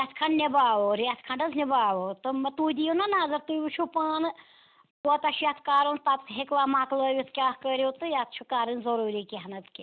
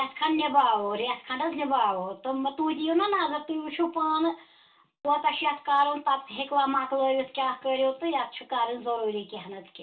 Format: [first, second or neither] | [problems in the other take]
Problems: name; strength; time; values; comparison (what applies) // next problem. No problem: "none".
first | room echo; dies away in 0.2 s